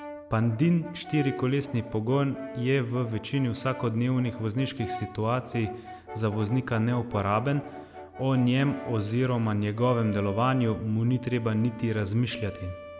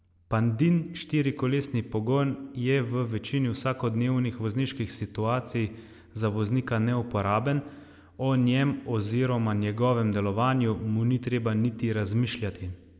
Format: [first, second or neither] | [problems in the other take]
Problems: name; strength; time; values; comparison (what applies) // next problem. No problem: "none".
second | background sound (Brass instrument); 15 dB below the speech